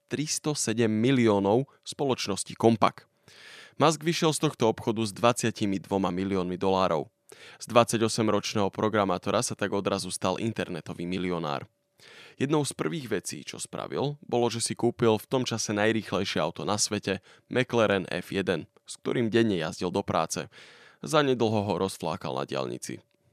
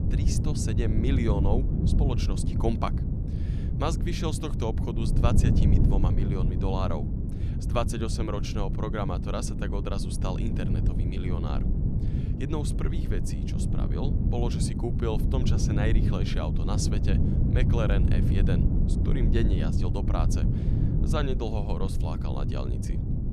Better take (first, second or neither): first